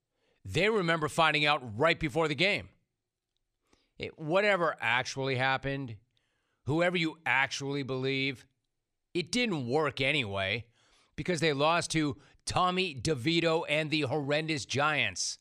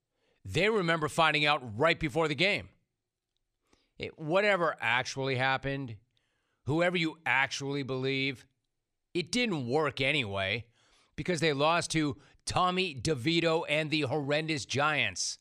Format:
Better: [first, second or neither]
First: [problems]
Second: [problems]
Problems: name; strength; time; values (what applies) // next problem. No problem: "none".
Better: neither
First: none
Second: none